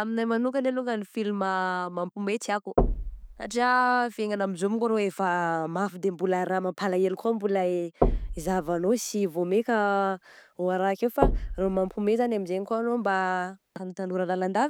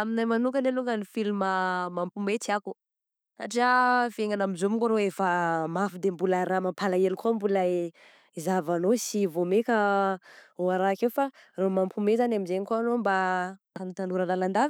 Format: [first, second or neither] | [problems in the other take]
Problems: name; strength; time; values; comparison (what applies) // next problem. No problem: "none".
second | background sound (Knock); 5 dB below the speech